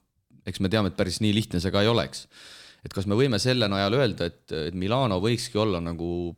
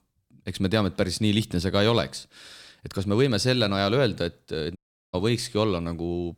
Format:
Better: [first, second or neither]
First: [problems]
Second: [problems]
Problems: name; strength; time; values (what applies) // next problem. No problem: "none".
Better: first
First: none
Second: audio cutting out; at 5 s